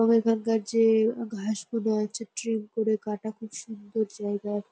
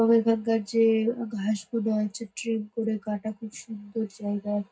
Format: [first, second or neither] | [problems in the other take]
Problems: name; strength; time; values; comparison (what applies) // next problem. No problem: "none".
first | room echo; dies away in 0.4 s